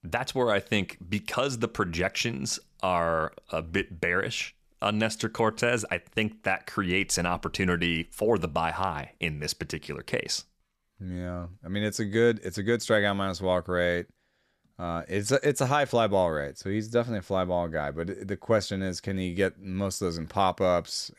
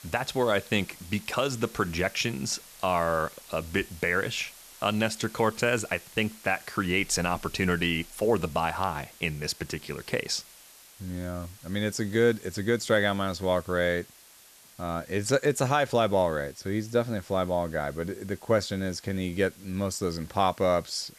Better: first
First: none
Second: hiss; faint; throughout; 20 dB below the speech

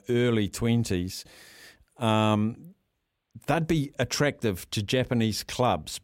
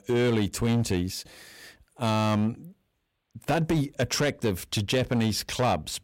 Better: first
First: none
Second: distortion; slight; 9% of the sound clipped

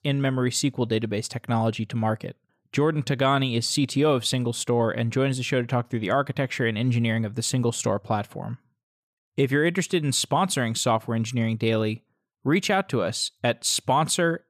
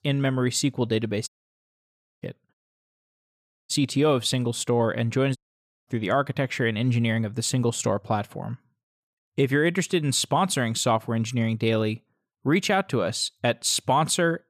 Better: first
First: none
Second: audio cutting out; at 1.5 s for 1 s, at 2.5 s for 1 s and at 5.5 s for 0.5 s

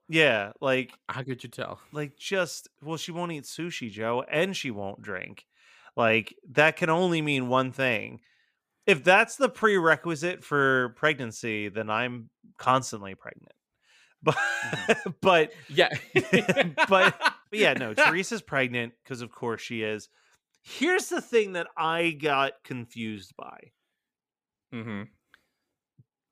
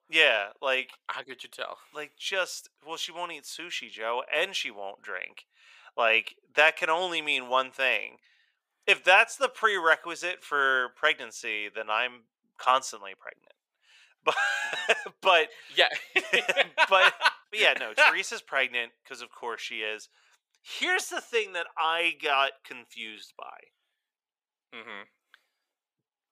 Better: first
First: none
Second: thin; very; fading below 700 Hz

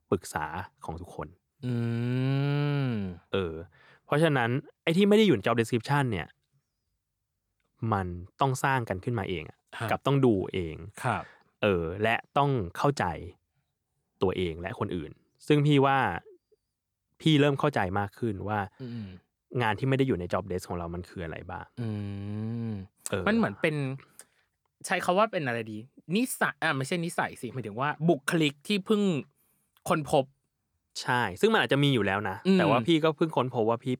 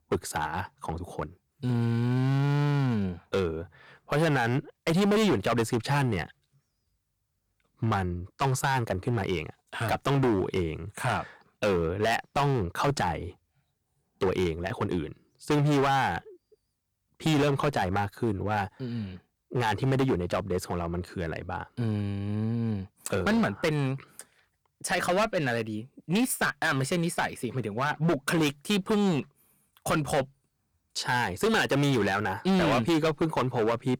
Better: first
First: none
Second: distortion; heavy; 10% of the sound clipped

